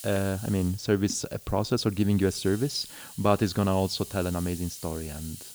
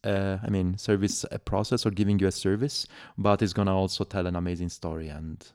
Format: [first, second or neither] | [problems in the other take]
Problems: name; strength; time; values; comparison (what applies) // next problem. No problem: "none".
second | hiss; noticeable; throughout; 15 dB below the speech